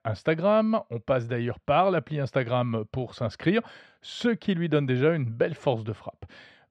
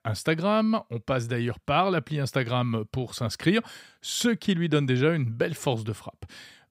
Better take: second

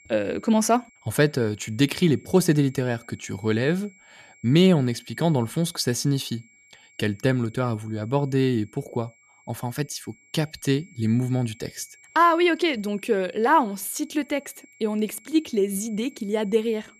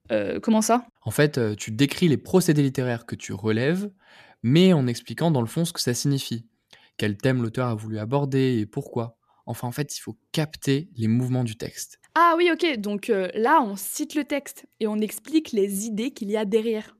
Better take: second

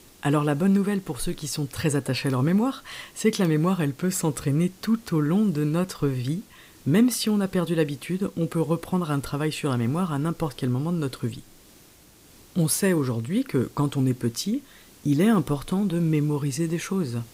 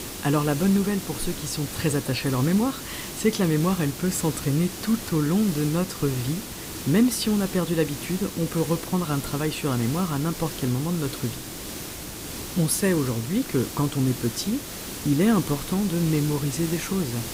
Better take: first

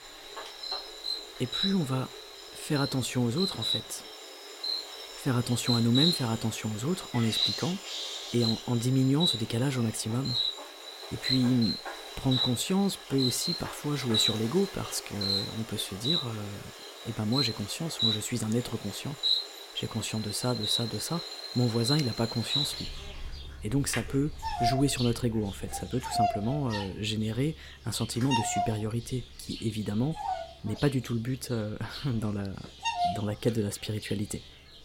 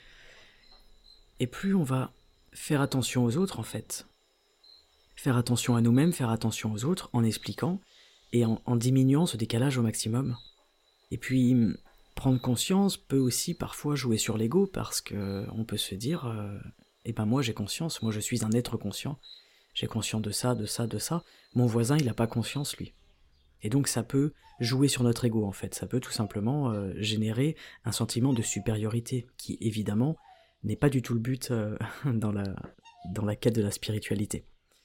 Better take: second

